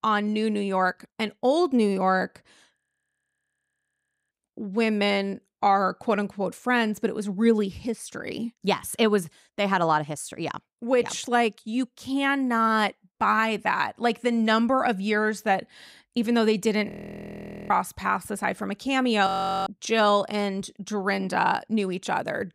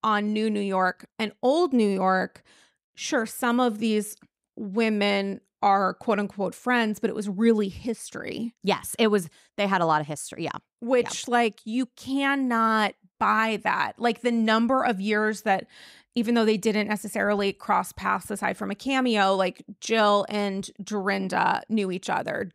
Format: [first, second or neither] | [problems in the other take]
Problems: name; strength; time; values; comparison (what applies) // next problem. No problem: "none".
second | audio freezing; at 3 s for 1.5 s, at 17 s for 1 s and at 19 s